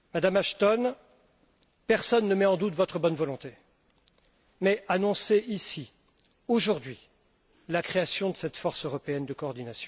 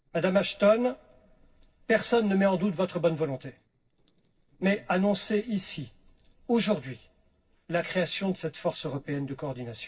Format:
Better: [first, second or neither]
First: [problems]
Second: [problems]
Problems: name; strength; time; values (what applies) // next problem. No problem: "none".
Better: first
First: none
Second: noise reduction (neural separator model SepFormer DNS4)